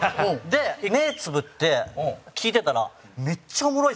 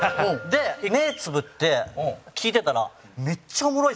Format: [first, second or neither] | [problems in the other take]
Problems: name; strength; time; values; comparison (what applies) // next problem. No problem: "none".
first | background sound (Bell); 17 dB below the speech